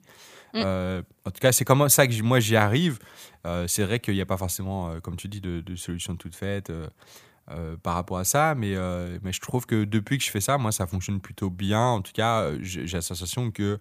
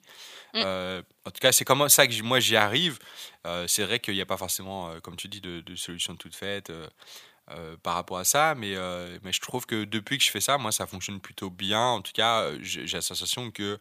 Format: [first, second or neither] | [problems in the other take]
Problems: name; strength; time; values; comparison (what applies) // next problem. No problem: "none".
first | thin; somewhat; fading below 1 kHz